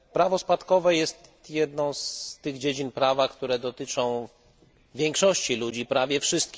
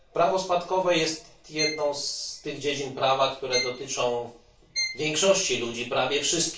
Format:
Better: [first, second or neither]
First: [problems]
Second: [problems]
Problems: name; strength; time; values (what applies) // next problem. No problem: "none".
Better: first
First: none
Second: background sound (Bowed string instrument); 9 dB below the speech // room echo; dies away in 0.3 s